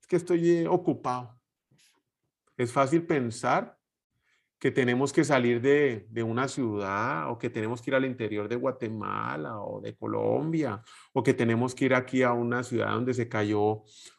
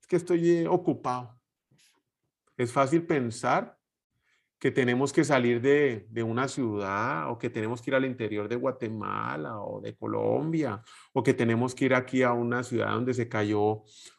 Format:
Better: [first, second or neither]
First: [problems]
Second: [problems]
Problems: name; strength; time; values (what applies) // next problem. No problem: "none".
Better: neither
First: none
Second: none